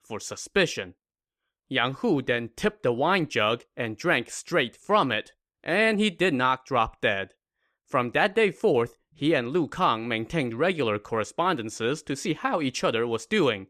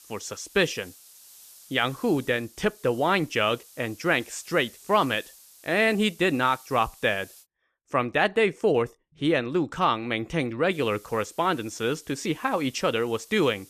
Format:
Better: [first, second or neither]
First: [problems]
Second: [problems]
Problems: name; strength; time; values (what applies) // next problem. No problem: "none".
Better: first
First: none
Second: hiss; faint; until 7.5 s and from 11 s on; 25 dB below the speech